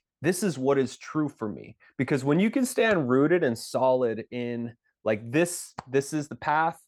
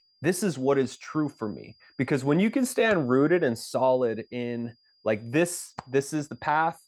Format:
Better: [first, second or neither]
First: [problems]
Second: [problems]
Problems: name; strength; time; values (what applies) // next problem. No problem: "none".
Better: first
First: none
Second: high-pitched whine; faint; throughout; 5 kHz, 35 dB below the speech